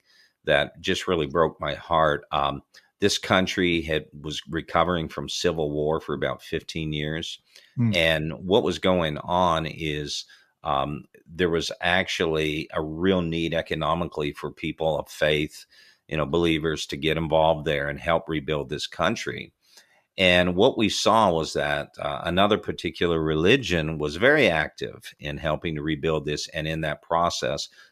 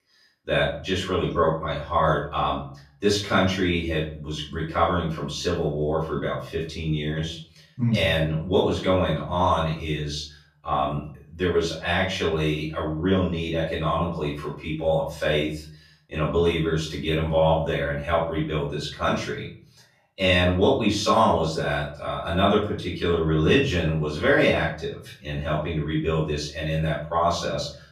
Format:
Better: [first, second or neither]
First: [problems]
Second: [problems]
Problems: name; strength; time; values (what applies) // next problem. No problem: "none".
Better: first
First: none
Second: off-mic speech; far // room echo; slight; dies away in 0.4 s